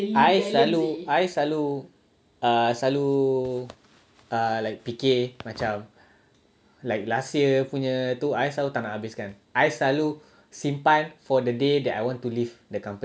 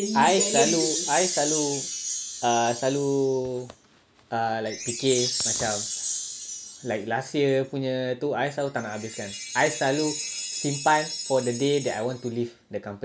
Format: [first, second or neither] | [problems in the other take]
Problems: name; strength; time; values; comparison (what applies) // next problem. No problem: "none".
first | background sound (Chime); 6 dB below the speech